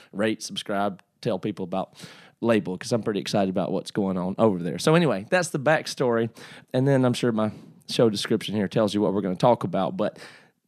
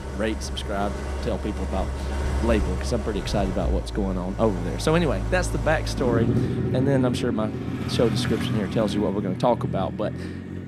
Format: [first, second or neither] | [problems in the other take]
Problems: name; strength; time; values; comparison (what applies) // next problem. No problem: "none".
first | traffic noise; loud; throughout; 2 dB below the speech